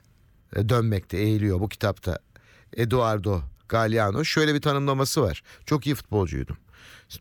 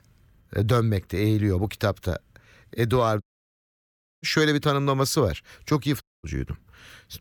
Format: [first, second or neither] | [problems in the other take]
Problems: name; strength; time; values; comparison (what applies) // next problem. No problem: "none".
first | audio cutting out; at 3 s for 1 s and at 6 s